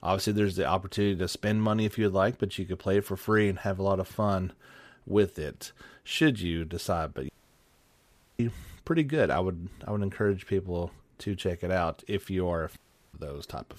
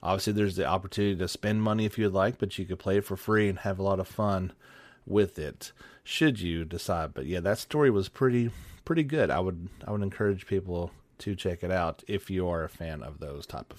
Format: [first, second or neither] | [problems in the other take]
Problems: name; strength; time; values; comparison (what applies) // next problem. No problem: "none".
second | audio cutting out; at 7.5 s for 1 s and at 13 s